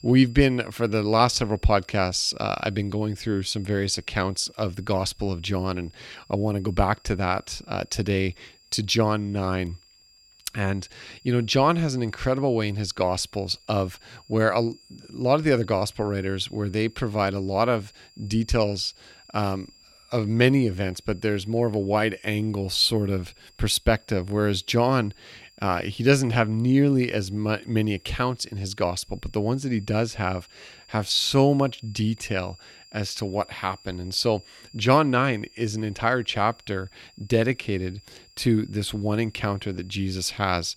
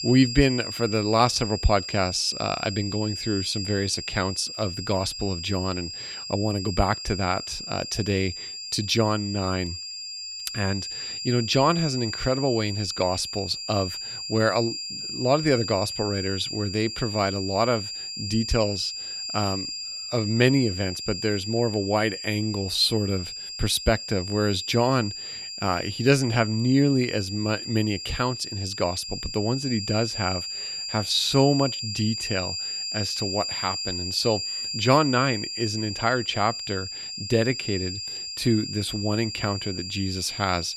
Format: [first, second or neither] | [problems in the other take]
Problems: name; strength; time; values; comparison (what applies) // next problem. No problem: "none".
first | high-pitched whine; loud; throughout; 5 kHz, 6 dB below the speech; faint in the first